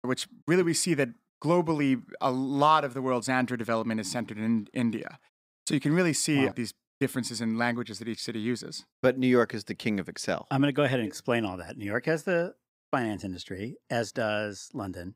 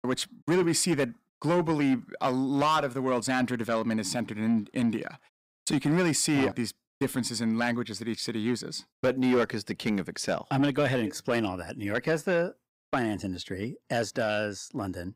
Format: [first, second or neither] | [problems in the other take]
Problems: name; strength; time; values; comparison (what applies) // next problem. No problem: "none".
first | distortion; slight; 10 dB below the speech